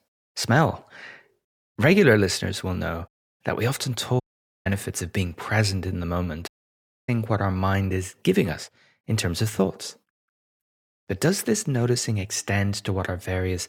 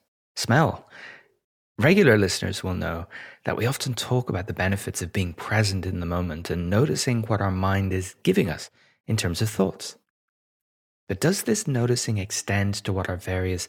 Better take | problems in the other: second | audio cutting out; at 3 s, at 4 s and at 6.5 s for 0.5 s

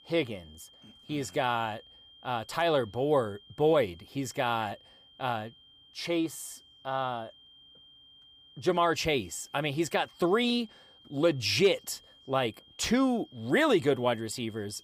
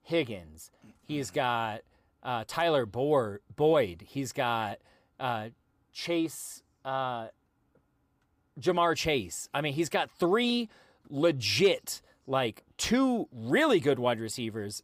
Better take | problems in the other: second | high-pitched whine; faint; throughout; 3 kHz, 25 dB below the speech

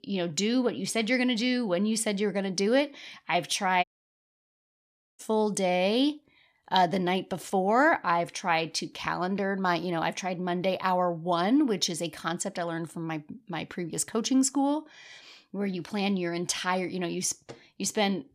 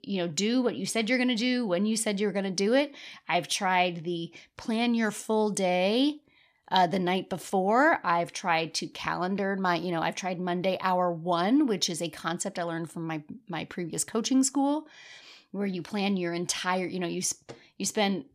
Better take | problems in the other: second | audio cutting out; at 4 s for 1.5 s

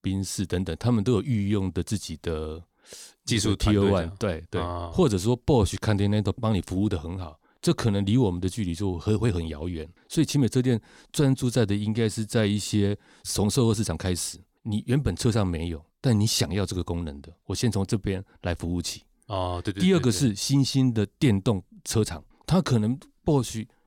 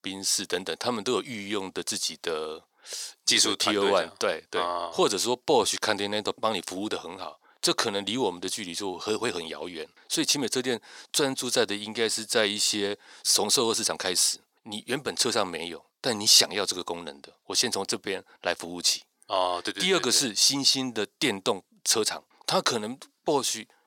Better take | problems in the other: first | thin; very; fading below 550 Hz

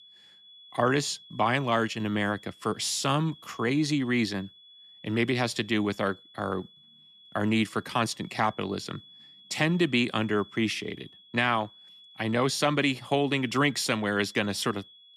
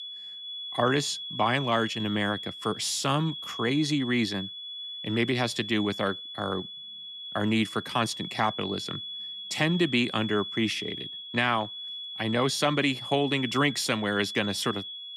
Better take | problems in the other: first | high-pitched whine; loud; throughout; 3.5 kHz, 8 dB below the speech; faint in the first

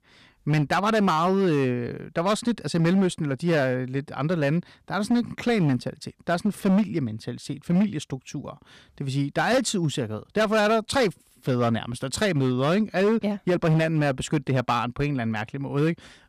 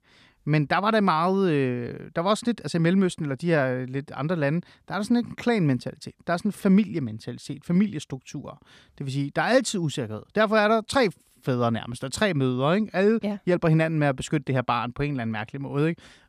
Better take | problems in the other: second | distortion; slight; 8% of the sound clipped

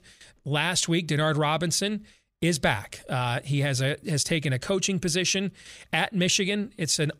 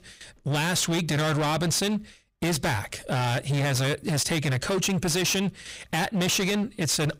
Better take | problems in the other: first | distortion; heavy; 30% of the sound clipped

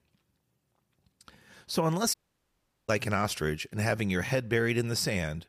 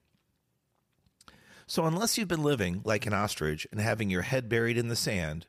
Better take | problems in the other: second | audio cutting out; at 2 s for 0.5 s

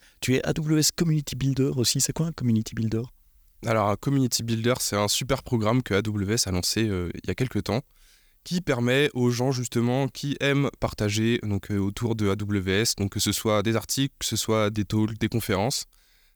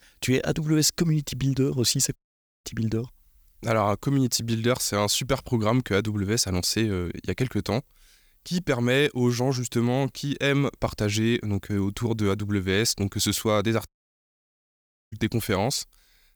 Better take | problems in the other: first | audio cutting out; at 2 s and at 14 s for 1 s

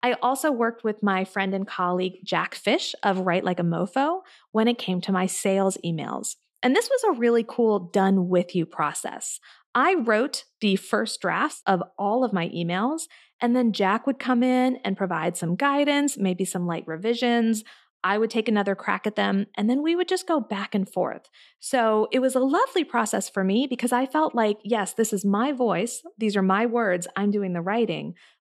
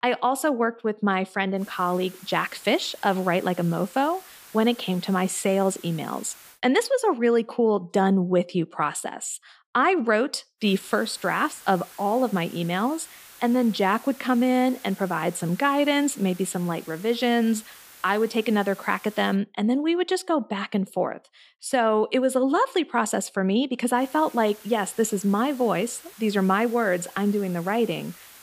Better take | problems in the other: first | hiss; faint; from 1.5 to 6.5 s, from 11 to 19 s and from 24 s on; 20 dB below the speech

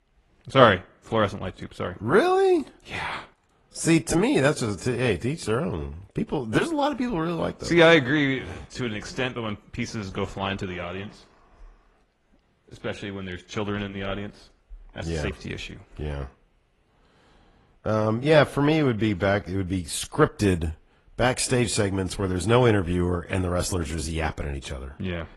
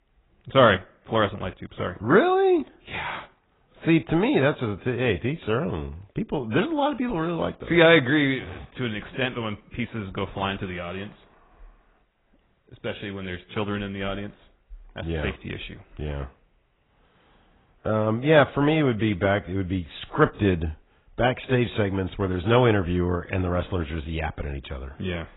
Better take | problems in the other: first | garbled, watery; badly; nothing above 4 kHz; slightly in the first

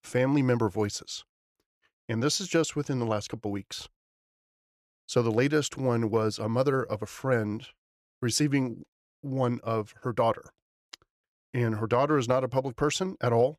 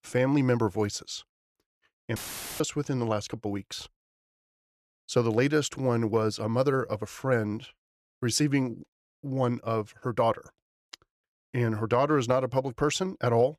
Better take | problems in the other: first | audio cutting out; filled with static; at 2 s

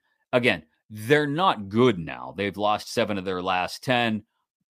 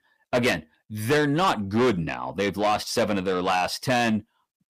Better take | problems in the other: first | distortion; heavy; 6 dB below the speech

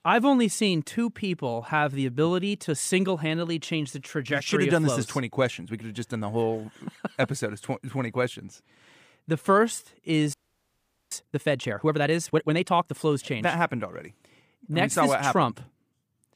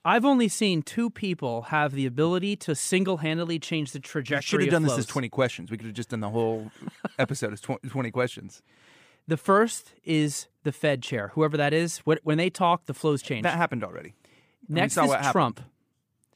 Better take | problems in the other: second | audio freezing; at 10 s for 1 s

